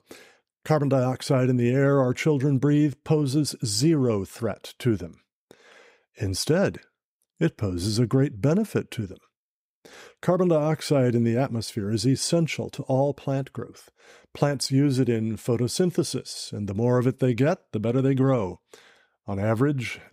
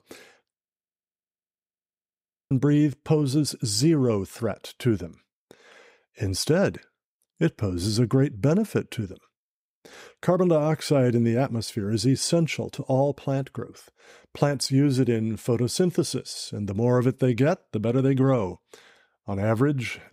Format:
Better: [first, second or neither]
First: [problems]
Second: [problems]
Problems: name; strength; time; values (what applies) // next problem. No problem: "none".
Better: first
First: none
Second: audio freezing; at 0.5 s for 2 s